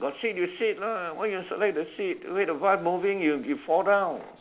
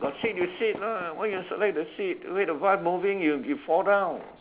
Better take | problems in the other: first | background sound (Fireworks); 18 dB below the speech

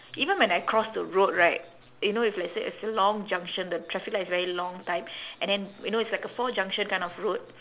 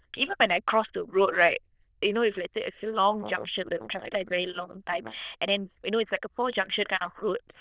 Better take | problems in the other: first | noise reduction (neural diffusion model UNIVERSE++)

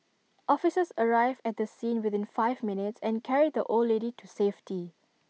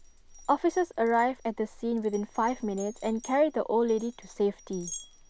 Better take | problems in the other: first | background sound (Glass); 19 dB below the speech

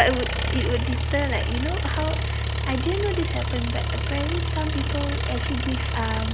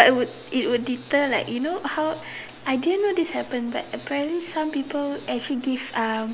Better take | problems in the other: second | background sound (Engine); 3 dB above the speech

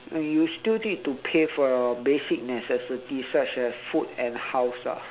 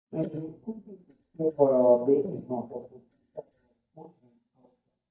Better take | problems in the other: first | noise reduction (neural mask model DeepFilterNet 3)

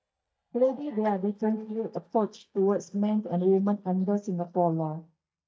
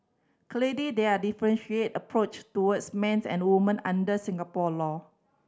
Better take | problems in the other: second | noise reduction (neural mask model DeepFilterNet 3)

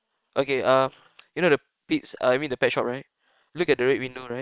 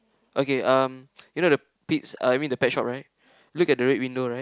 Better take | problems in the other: second | noise reduction (neural separator model SepFormer WHAM!)

